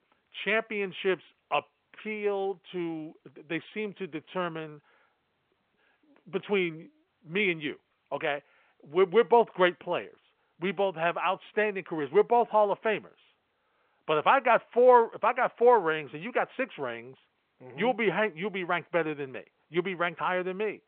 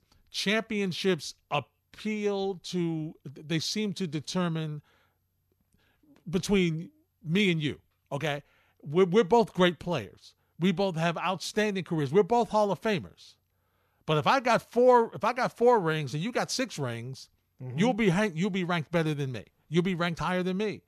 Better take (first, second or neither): second